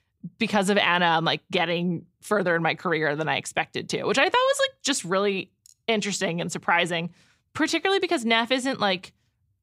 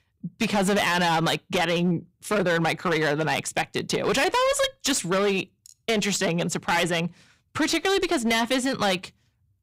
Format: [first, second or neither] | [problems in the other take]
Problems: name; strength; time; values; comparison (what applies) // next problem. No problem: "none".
first | distortion; heavy; 17% of the sound clipped